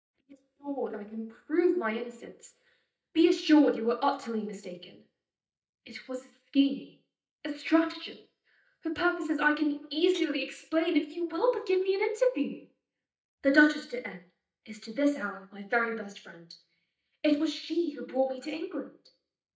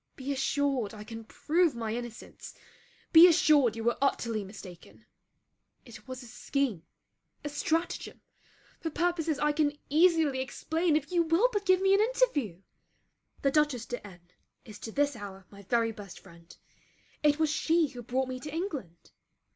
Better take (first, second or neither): second